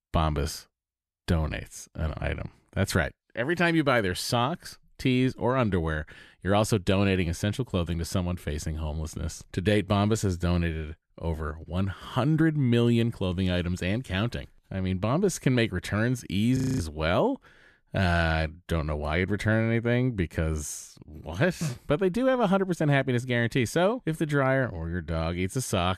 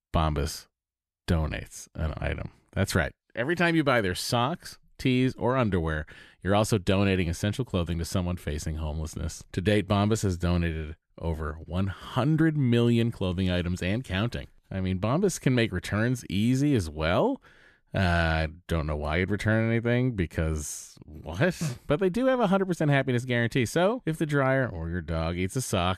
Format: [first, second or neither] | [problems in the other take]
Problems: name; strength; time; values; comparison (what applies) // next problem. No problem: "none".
second | audio freezing; at 17 s